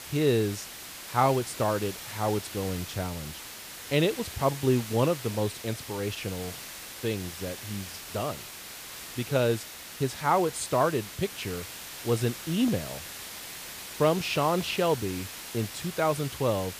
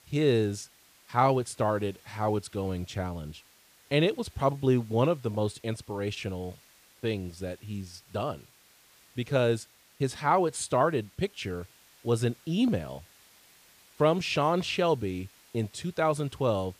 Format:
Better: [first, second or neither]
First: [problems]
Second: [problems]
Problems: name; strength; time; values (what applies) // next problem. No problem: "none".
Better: second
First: hiss; loud; throughout; 10 dB below the speech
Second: hiss; faint; throughout; 25 dB below the speech